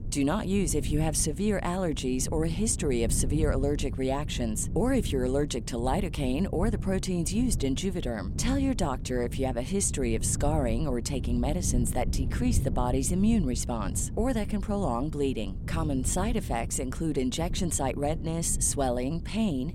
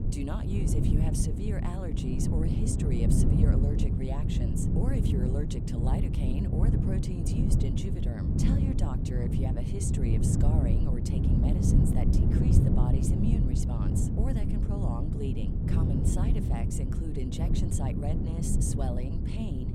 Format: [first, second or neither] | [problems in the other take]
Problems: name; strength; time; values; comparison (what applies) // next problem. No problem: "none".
first | wind noise on the microphone; heavy; 3 dB above the speech; occasional gusts in the first